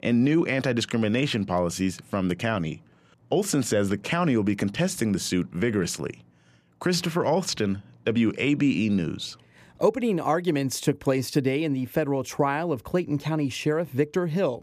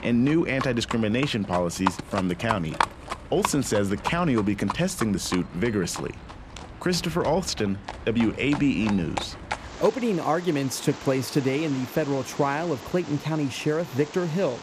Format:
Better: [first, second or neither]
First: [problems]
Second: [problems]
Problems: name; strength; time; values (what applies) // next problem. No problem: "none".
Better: first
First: none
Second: animal sounds; loud; throughout; 10 dB below the speech